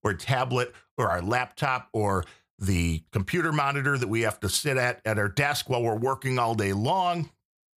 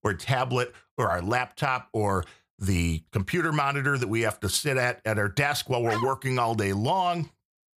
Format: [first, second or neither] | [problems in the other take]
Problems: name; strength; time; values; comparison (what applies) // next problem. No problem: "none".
first | dog barking; noticeable; at 6 s; peak 7 dB below the speech